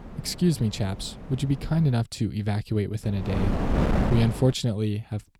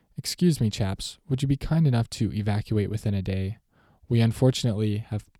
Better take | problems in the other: second | wind noise on the microphone; heavy; until 2 s and from 3 to 4.5 s; 1 dB above the speech

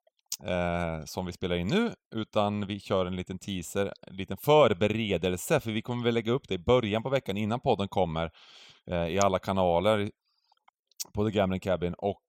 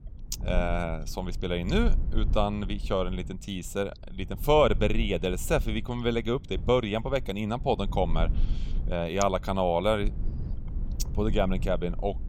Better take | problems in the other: first | low rumble; faint; throughout; 20 dB below the speech

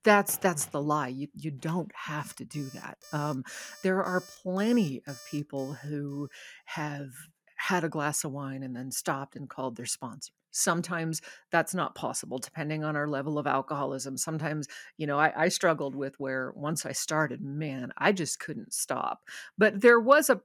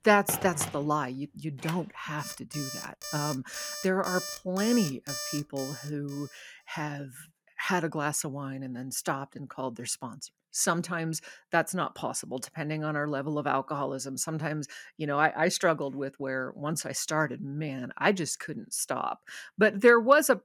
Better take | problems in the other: first | alarms or sirens; loud; until 6 s; 8 dB below the speech; faint in the first

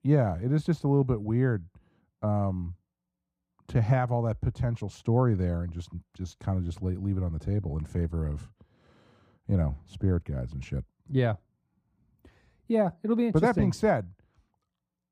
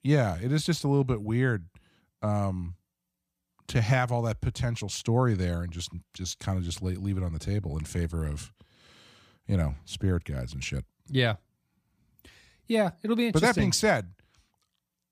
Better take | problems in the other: second | muffled; very; fading above 1.5 kHz

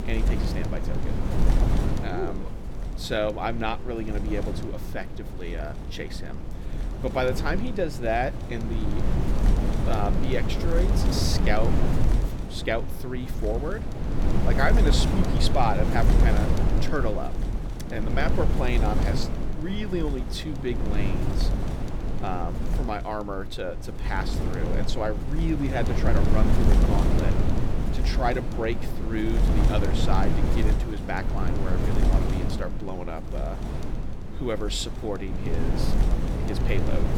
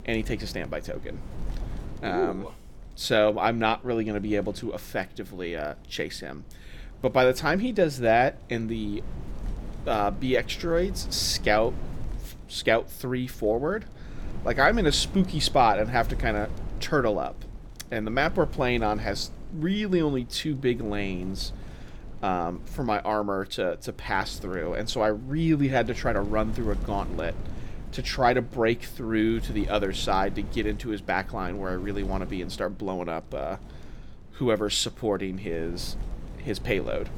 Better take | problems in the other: second | wind noise on the microphone; heavy; 4 dB below the speech; occasional gusts in the second

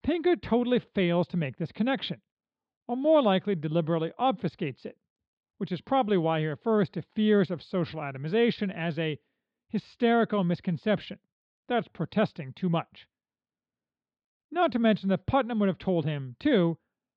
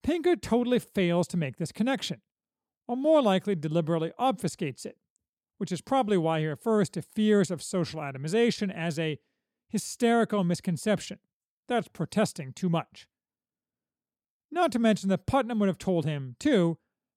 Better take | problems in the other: second | muffled; slightly; fading above 4 kHz

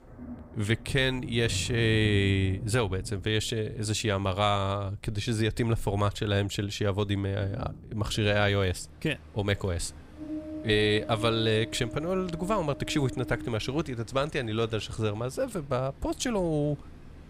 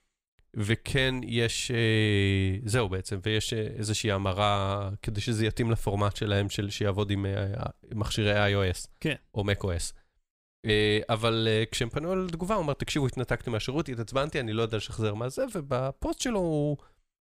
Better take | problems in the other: second | rain or running water; noticeable; throughout; 15 dB below the speech

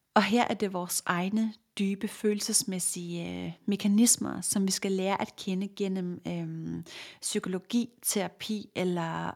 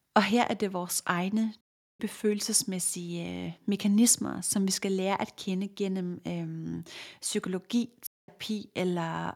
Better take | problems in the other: first | audio cutting out; at 1.5 s and at 8 s

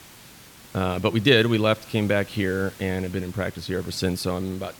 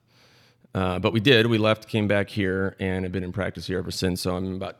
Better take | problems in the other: second | hiss; faint; throughout; 20 dB below the speech

